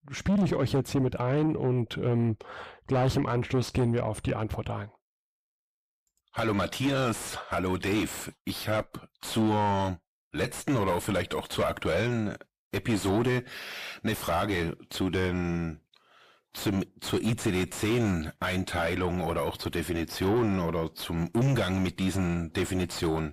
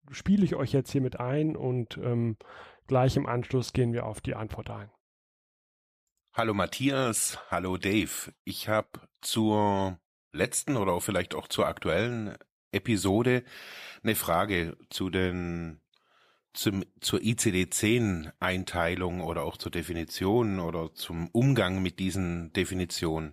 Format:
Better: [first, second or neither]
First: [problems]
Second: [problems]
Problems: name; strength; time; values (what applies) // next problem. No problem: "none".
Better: second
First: distortion; heavy; 6 dB below the speech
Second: none